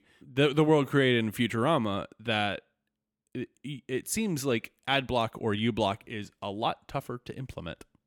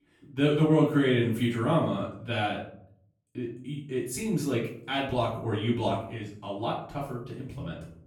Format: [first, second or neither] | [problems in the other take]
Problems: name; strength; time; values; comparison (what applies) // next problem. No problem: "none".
first | off-mic speech; far // room echo; noticeable; dies away in 0.6 s